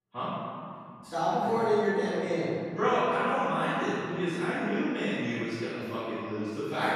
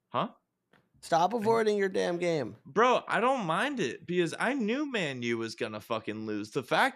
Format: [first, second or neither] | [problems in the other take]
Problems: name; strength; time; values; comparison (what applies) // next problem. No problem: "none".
second | room echo; strong; dies away in 2.3 s // off-mic speech; far